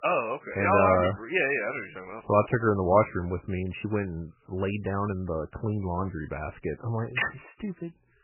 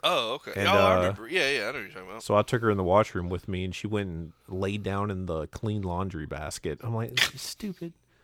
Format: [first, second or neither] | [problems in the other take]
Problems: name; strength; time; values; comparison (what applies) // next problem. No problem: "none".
second | garbled, watery; badly; nothing above 3 kHz